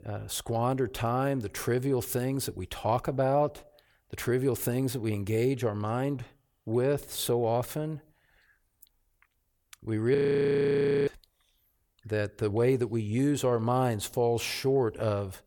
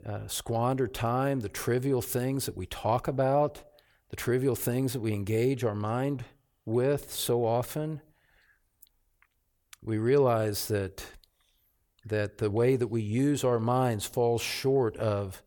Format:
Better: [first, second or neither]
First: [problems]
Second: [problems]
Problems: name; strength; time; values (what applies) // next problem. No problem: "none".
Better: second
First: audio freezing; at 10 s for 1 s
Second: none